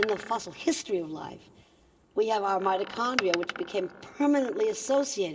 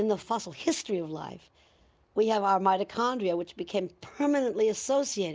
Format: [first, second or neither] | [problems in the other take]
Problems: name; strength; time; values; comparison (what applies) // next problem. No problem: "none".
second | background sound (Door); 12 dB below the speech // room echo; dies away in 0.6 s